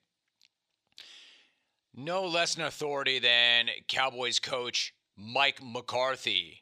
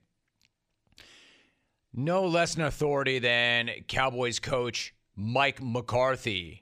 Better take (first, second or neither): second